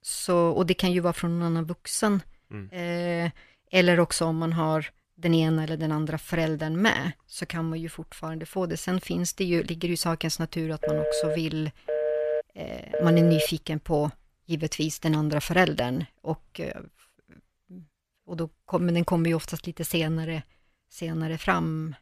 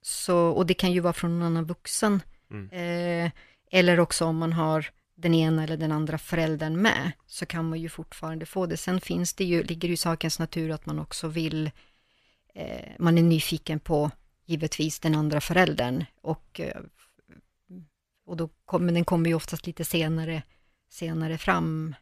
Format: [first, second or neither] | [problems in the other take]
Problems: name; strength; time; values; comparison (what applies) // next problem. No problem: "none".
second | phone ringing; loud; from 11 to 13 s; peak level with the speech